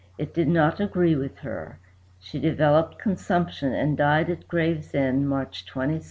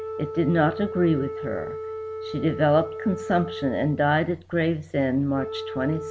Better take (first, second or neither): first